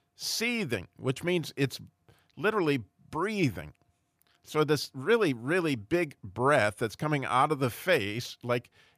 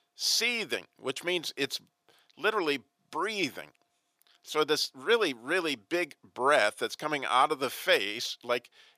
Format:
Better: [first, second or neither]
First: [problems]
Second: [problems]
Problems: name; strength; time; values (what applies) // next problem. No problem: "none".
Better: first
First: none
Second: thin; somewhat; fading below 400 Hz